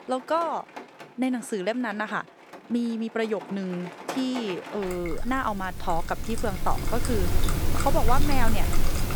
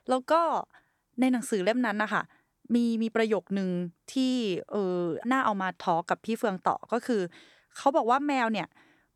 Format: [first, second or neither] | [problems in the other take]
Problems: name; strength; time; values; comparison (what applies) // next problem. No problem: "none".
second | rain or running water; loud; throughout; 3 dB below the speech